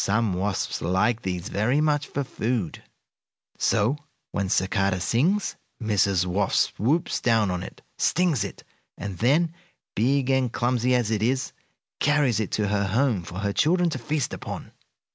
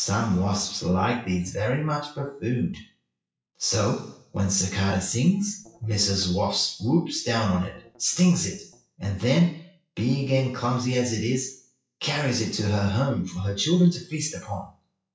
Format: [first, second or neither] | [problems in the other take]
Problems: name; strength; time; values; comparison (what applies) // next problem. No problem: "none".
first | noise reduction (classical method WPE with log-MMSE)